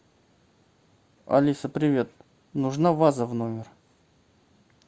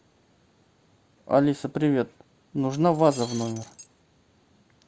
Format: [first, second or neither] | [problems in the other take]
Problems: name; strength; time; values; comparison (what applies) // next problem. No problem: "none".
first | background sound (Shatter); 16 dB below the speech